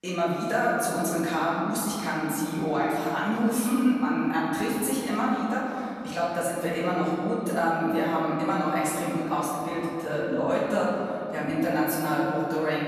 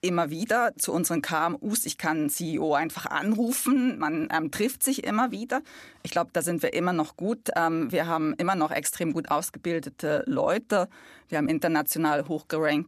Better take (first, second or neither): second